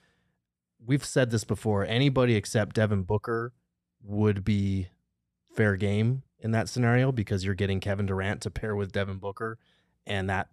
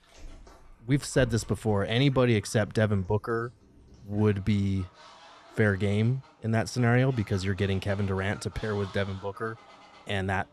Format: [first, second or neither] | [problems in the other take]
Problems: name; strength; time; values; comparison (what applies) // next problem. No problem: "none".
first | animal sounds; faint; throughout; 25 dB below the speech